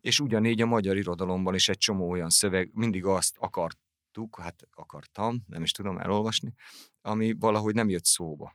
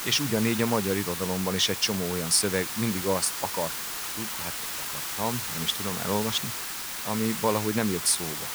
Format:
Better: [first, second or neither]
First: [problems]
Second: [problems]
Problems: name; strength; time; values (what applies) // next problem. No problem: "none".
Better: first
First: none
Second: hiss; loud; throughout; 4 dB below the speech